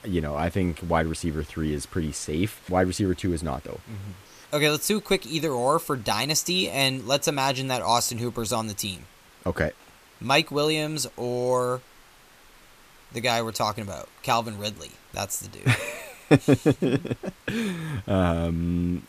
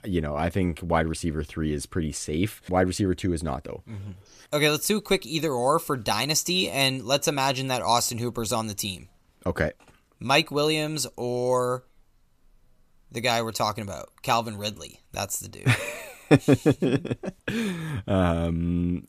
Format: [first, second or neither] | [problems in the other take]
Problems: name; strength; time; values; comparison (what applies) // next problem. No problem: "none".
second | hiss; faint; throughout; 25 dB below the speech